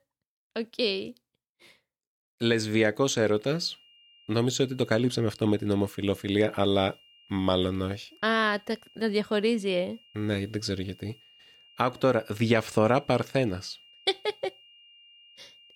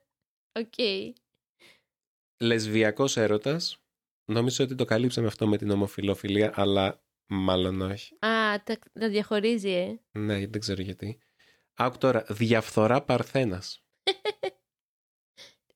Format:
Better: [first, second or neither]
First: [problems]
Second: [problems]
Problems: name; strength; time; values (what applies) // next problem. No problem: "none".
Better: second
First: high-pitched whine; faint; from 3.5 s on; 3 kHz, 25 dB below the speech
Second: none